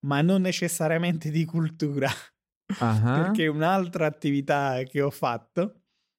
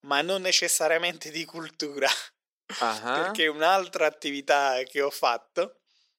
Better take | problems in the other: first | thin; very; fading below 450 Hz

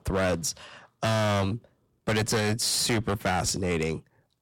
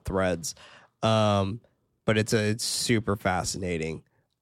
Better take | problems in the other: second | distortion; heavy; 14% of the sound clipped

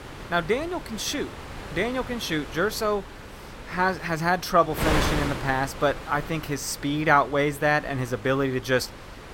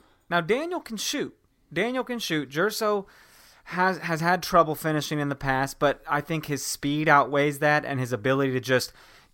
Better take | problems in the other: second | wind noise on the microphone; occasional gusts; 10 dB below the speech

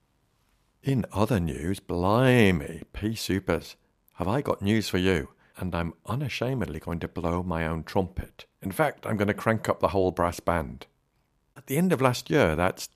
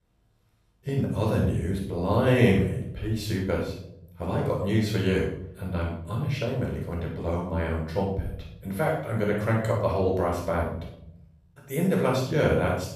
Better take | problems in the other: first | room echo; noticeable; dies away in 0.7 s // off-mic speech; far

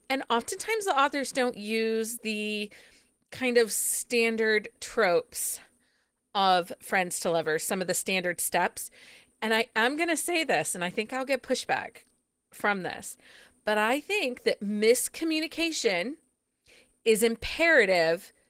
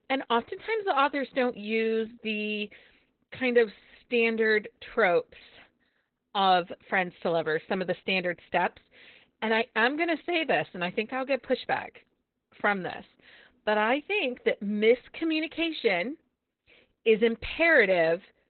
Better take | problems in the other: first | garbled, watery; badly; nothing above 4 kHz; slightly in the first

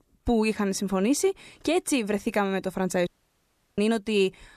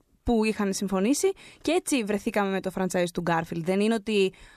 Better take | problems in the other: second | audio cutting out; at 3 s for 0.5 s

